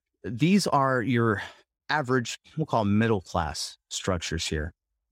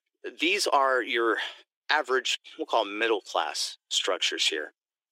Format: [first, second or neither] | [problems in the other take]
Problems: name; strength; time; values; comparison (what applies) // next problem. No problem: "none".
first | thin; very; fading below 350 Hz